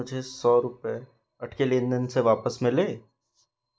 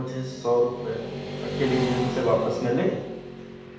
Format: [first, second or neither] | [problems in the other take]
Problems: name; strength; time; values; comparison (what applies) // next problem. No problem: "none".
first | background sound (Motorcycle / Traffic noise, roadway noise); 6 dB below the speech // room echo; dies away in 0.9 s